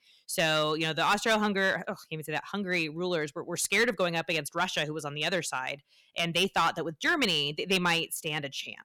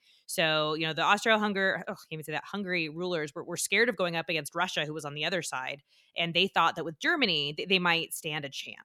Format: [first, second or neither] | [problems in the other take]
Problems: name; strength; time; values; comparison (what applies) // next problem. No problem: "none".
second | distortion; slight; 3% of the sound clipped